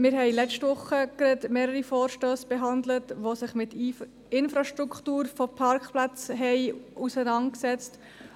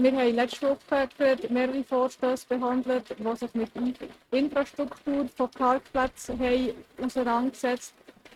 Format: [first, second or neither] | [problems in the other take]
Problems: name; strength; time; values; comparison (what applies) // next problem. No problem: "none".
first | noise reduction (neural mask model RNNoise)